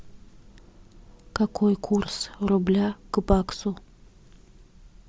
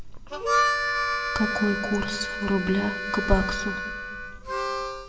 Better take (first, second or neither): first